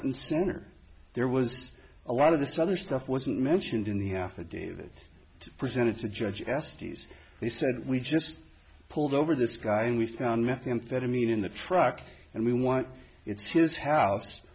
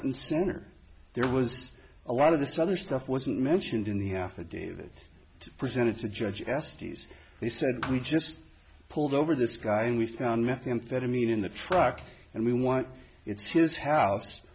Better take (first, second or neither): first